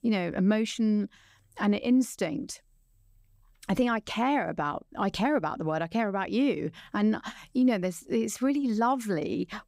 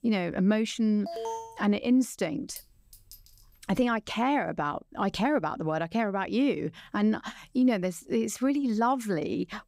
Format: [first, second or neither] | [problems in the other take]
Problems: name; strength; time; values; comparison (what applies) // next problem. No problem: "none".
first | alarm; noticeable; at 1 s; peak 7 dB below the speech // clattering dishes; faint; from 2.5 to 4 s; peak 20 dB below the speech